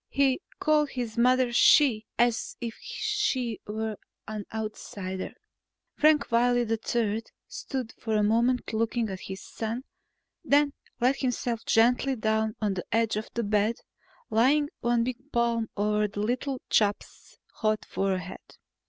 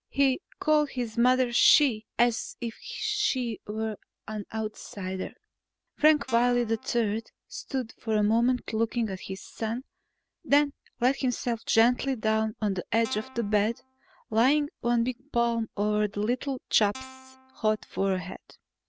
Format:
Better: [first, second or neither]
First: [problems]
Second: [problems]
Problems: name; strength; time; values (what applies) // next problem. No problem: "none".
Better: first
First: none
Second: background sound (Guitar); 19 dB below the speech